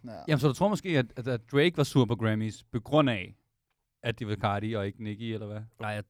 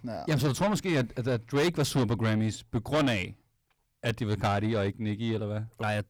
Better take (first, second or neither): first